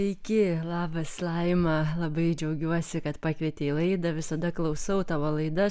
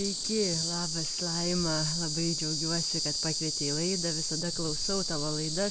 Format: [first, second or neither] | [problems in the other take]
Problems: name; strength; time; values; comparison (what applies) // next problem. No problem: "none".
first | background sound (Insect); as loud as the speech